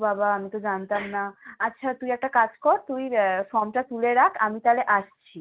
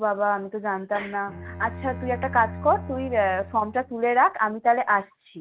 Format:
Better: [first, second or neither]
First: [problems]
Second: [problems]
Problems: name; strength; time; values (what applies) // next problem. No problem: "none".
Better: first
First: none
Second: background sound (Bowed string instrument); 13 dB below the speech